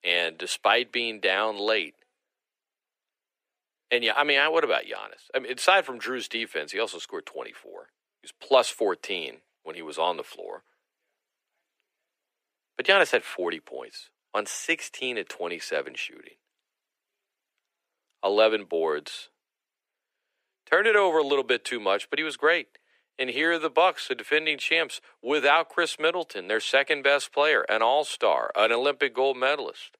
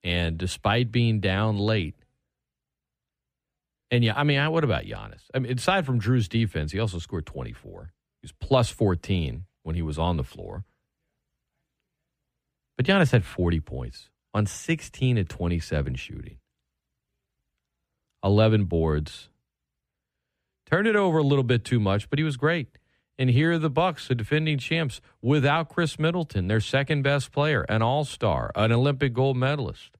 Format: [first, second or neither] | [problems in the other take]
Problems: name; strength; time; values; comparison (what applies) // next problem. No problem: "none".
second | thin; very; fading below 400 Hz